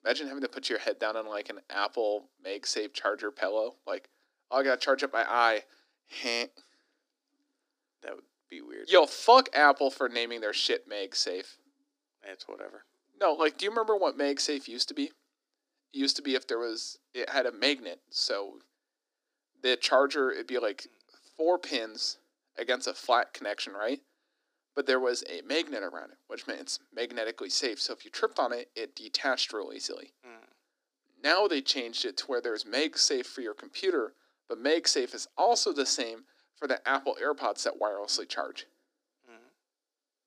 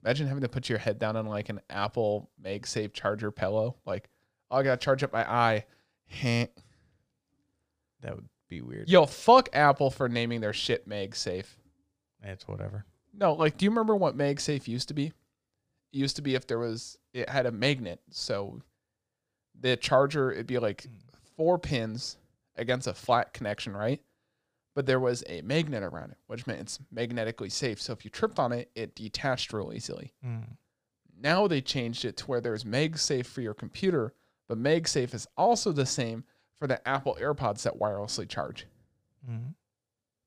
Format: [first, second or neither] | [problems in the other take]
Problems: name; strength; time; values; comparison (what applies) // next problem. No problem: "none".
second | thin; somewhat; fading below 250 Hz